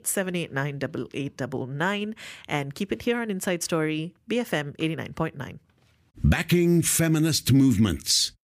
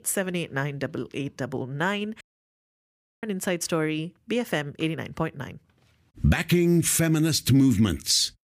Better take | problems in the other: first | audio cutting out; at 2 s for 1 s

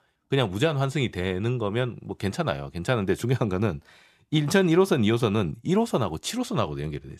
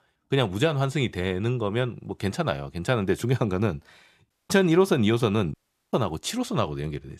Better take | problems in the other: first | audio cutting out; at 4.5 s and at 5.5 s

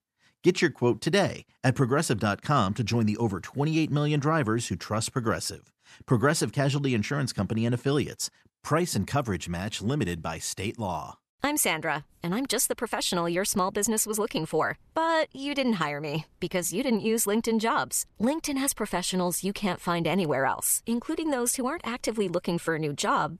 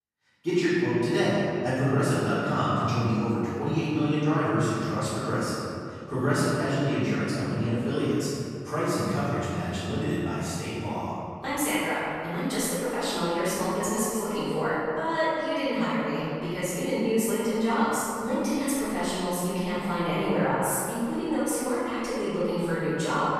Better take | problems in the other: first | off-mic speech; far // room echo; strong; dies away in 2.4 s

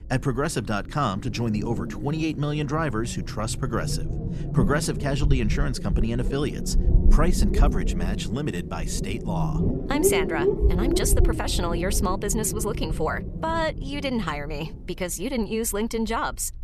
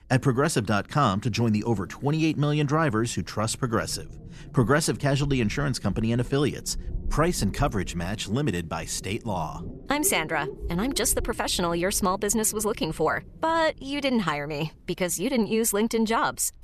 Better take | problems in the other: second | low rumble; loud; throughout; 6 dB below the speech; faint in the second

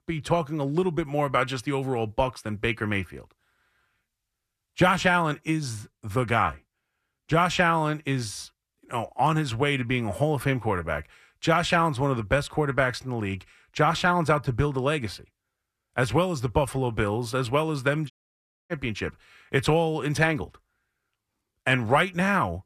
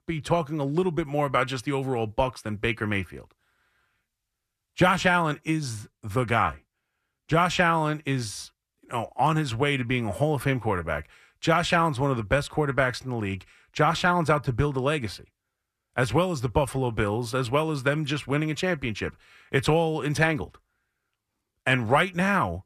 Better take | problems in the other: second | audio cutting out; at 18 s for 0.5 s

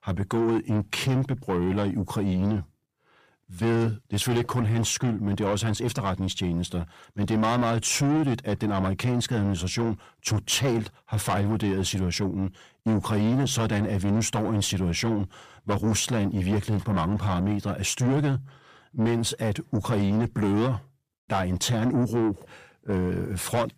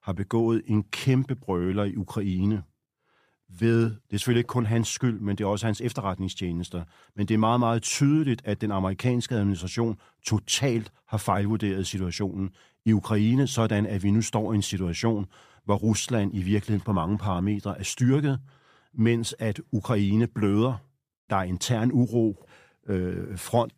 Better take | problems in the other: second | distortion; heavy; 7 dB below the speech

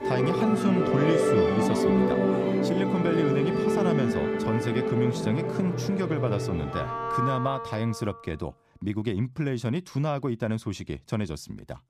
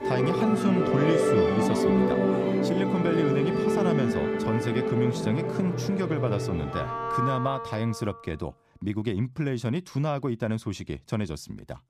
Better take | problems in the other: neither | background music; very loud; until 7.5 s; 3 dB above the speech; the same in both

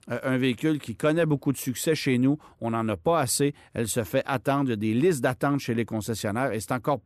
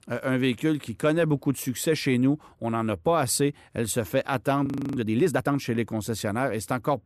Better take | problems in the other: first | audio freezing; at 4.5 s

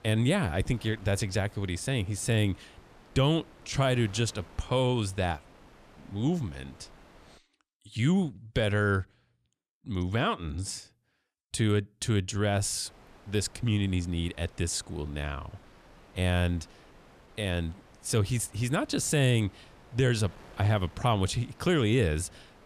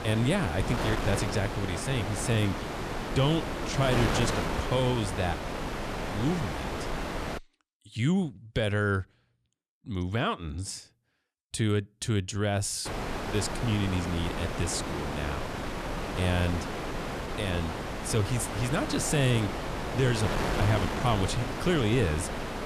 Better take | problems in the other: first | wind noise on the microphone; heavy; until 7.5 s and from 13 s on; 1 dB below the speech; occasional gusts in the first

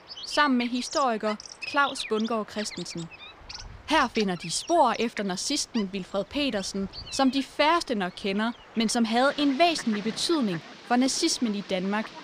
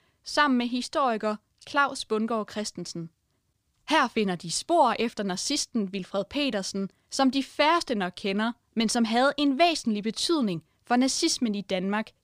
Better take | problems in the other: second | animal sounds; noticeable; throughout; 15 dB below the speech

